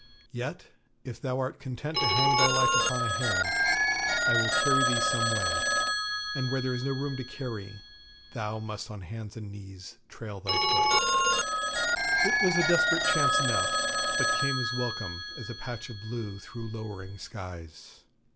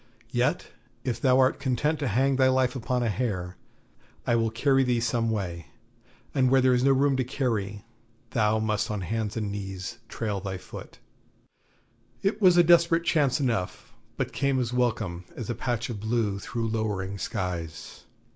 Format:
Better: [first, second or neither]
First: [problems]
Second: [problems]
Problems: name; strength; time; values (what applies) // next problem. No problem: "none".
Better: second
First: background sound (Telephone); 5 dB above the speech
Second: none